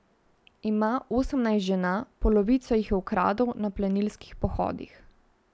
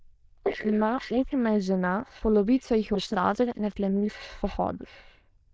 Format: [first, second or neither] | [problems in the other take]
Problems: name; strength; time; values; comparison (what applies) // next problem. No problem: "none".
first | noise reduction (neural diffusion model UNIVERSE++)